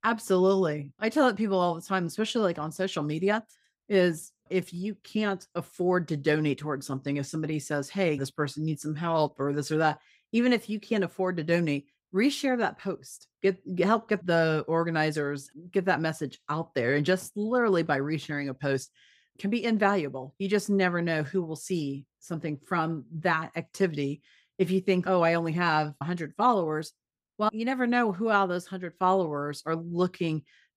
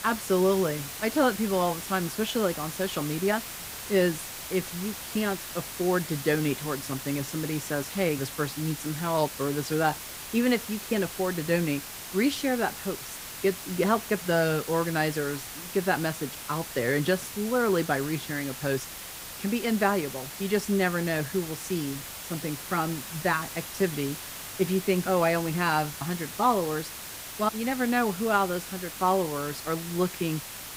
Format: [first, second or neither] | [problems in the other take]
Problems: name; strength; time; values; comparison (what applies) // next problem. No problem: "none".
first | hiss; loud; throughout; 9 dB below the speech